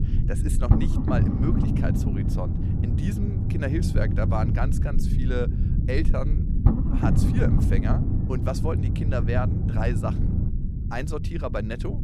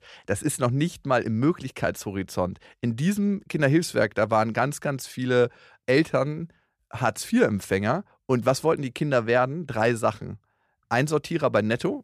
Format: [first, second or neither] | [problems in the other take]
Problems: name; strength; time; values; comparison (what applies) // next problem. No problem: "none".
second | low rumble; loud; throughout; 2 dB below the speech